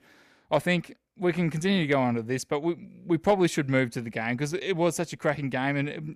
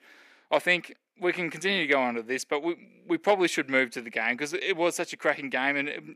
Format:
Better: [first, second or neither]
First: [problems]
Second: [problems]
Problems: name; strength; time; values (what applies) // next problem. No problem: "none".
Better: first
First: none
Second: thin; somewhat; fading below 300 Hz